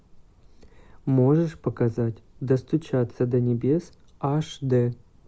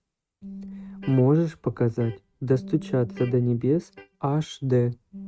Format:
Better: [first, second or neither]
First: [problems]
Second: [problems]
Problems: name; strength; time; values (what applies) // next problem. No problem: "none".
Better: first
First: none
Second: noise reduction (neural mask model RNNoise)